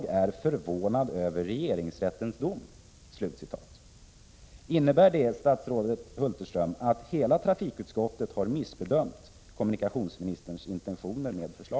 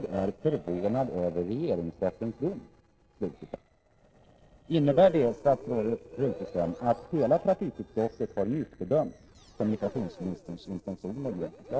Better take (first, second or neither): first